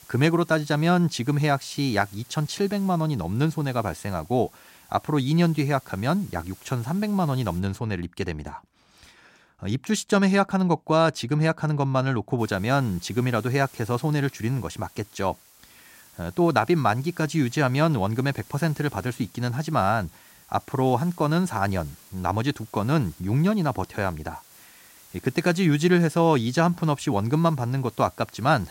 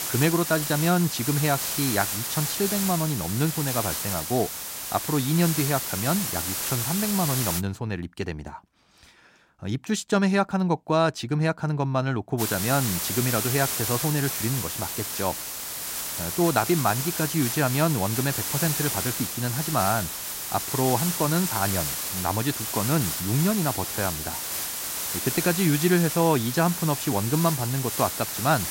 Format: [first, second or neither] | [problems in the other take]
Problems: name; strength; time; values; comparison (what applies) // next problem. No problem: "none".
first | hiss; loud; until 7.5 s and from 12 s on; 2 dB below the speech; faint in the first